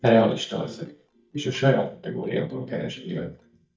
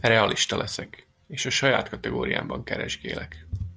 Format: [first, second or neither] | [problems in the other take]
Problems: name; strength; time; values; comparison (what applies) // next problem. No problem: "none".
second | noise reduction (neural mask model DeepFilterNet 3)